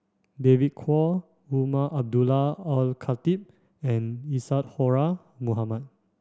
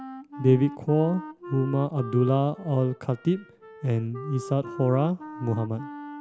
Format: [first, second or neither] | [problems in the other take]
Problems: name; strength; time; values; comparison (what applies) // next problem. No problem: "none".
first | background sound (Wind instrument, woodwind instrument); 14 dB below the speech